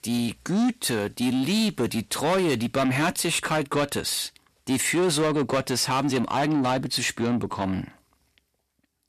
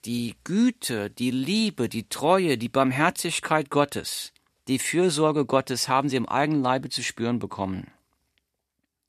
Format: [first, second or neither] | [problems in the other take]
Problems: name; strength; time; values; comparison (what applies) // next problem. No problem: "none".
second | distortion; heavy; 7 dB below the speech